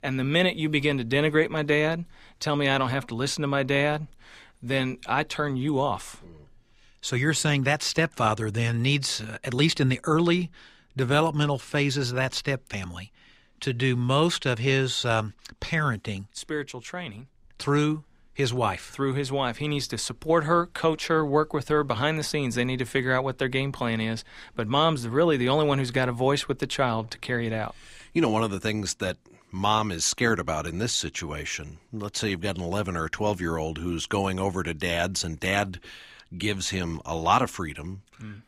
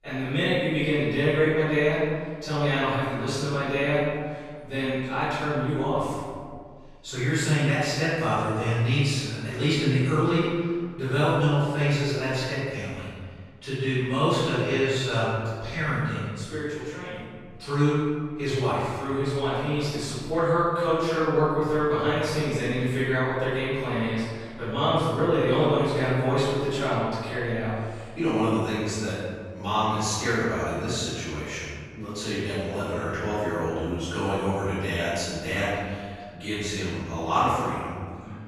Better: first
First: none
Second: off-mic speech; far // room echo; strong; dies away in 1.6 s

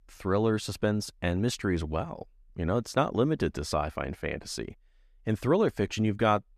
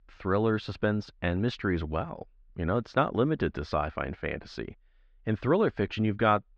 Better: first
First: none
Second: muffled; slightly; fading above 4 kHz

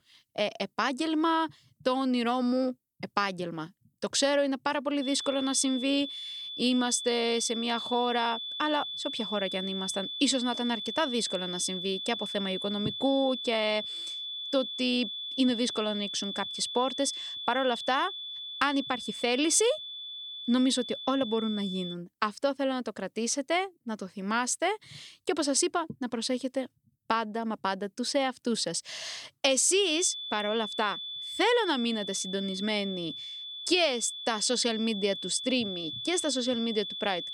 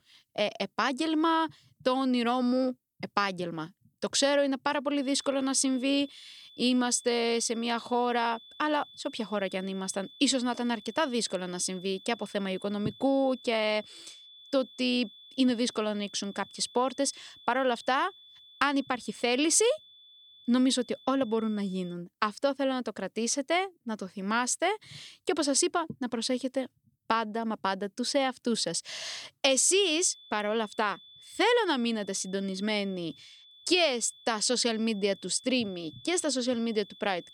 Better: second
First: high-pitched whine; loud; from 5 to 22 s and from 30 s on; 3.5 kHz, 6 dB below the speech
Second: high-pitched whine; faint; from 5 to 22 s and from 30 s on; 3.5 kHz, 20 dB below the speech

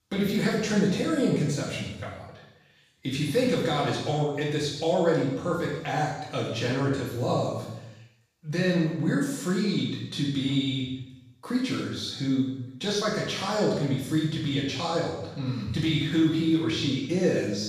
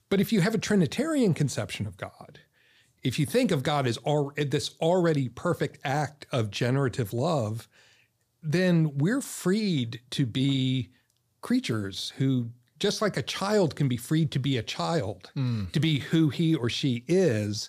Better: second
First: room echo; strong; dies away in 0.8 s // off-mic speech; far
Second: none

